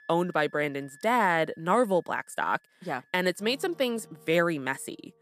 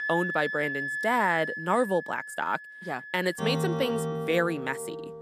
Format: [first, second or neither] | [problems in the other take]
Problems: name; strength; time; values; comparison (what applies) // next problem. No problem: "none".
first | background music; loud; throughout; 4 dB below the speech; faint in the first